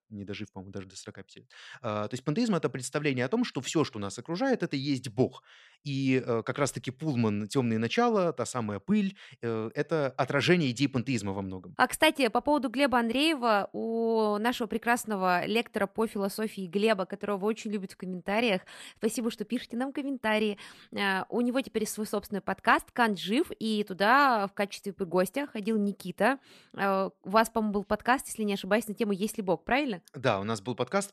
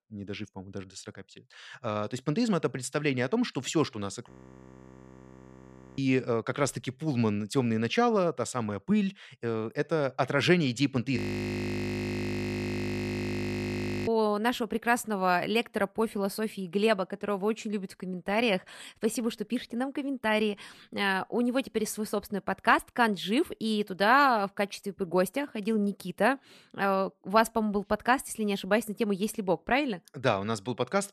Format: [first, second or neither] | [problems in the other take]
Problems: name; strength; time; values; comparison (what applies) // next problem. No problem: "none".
first | audio freezing; at 4.5 s for 1.5 s and at 11 s for 3 s